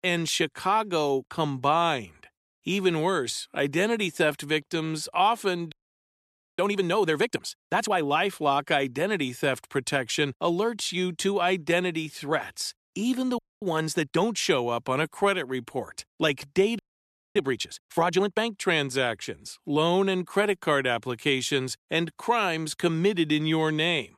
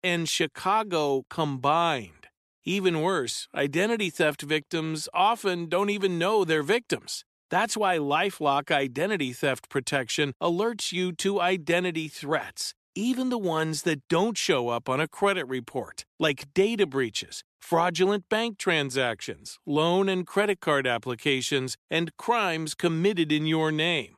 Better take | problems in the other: second | audio freezing; at 5.5 s for 1 s, at 13 s and at 17 s for 0.5 s

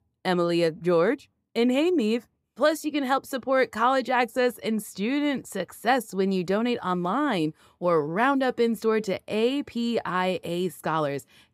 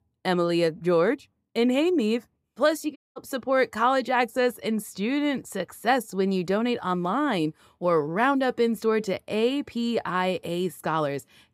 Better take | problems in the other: first | audio cutting out; at 3 s

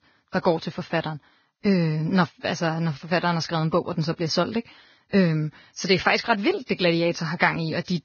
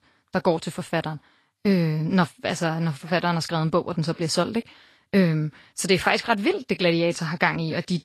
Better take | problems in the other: second | garbled, watery; badly; nothing above 6.5 kHz; slightly in the second

